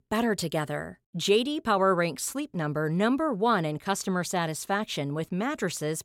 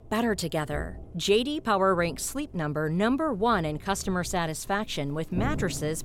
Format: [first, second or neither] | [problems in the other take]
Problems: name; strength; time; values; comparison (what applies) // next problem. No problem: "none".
first | rain or running water; noticeable; throughout; 15 dB below the speech